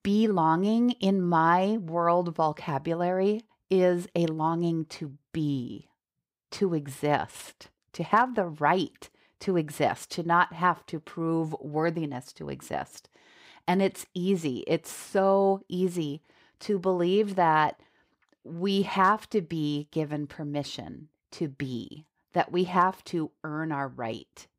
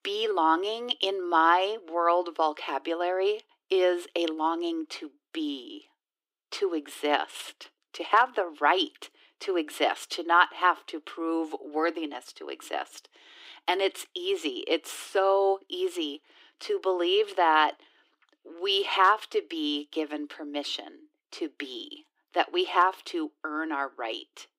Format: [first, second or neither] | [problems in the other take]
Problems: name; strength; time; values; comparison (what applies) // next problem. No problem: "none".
first | thin; somewhat; fading below 300 Hz